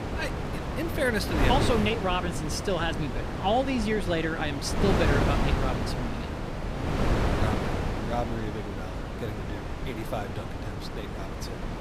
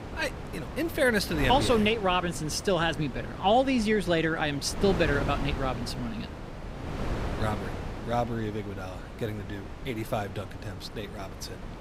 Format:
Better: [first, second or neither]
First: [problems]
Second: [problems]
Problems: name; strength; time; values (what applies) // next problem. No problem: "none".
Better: second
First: wind noise on the microphone; heavy; 3 dB below the speech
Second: wind noise on the microphone; occasional gusts; 10 dB below the speech